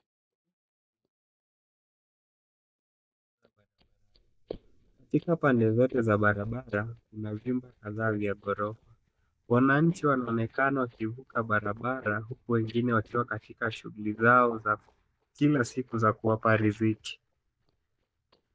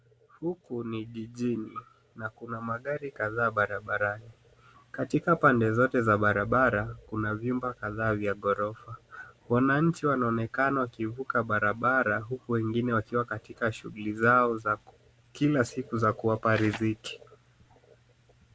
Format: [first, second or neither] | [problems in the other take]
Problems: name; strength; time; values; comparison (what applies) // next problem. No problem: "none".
second | noise reduction (neural mask model DeepFilterNet 3)